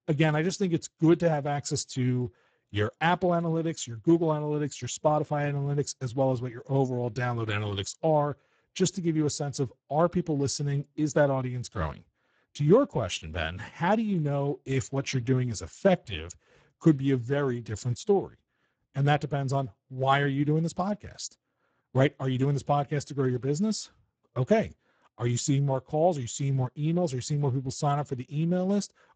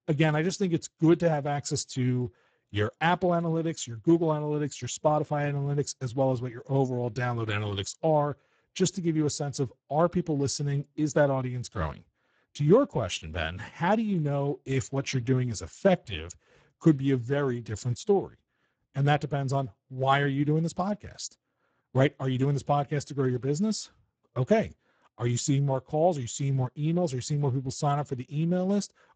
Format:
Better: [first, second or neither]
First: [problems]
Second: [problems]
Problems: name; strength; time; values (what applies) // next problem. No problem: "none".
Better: neither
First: garbled, watery; badly; nothing above 7.5 kHz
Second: garbled, watery; badly; nothing above 7.5 kHz